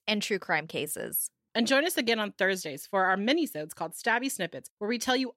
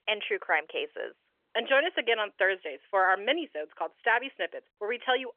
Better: first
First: none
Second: phone-call audio; nothing above 3.5 kHz

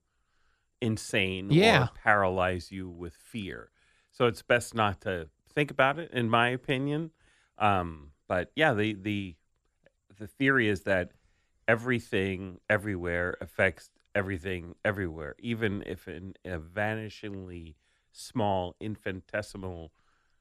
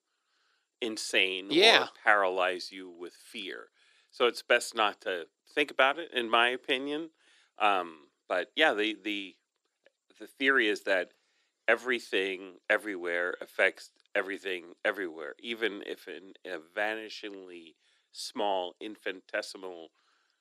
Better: first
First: none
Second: thin; somewhat; fading below 350 Hz

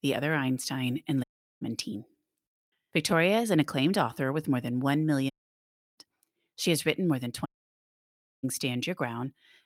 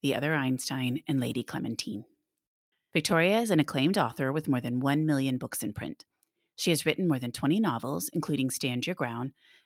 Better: second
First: audio cutting out; at 1 s, at 5.5 s for 0.5 s and at 7.5 s for 1 s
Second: none

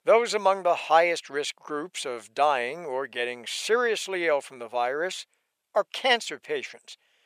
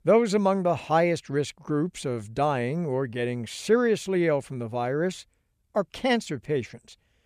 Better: second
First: thin; very; fading below 700 Hz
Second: none

